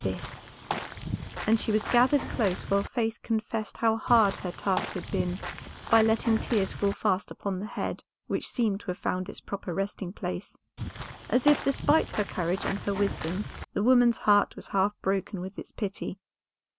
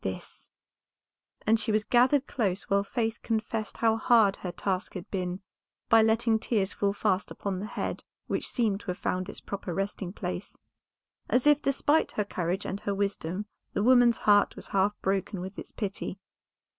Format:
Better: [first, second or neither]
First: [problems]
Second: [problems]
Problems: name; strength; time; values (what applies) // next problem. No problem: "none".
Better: second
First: background sound (Walk, footsteps / Bird vocalization, bird call, bird song); 8 dB below the speech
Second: none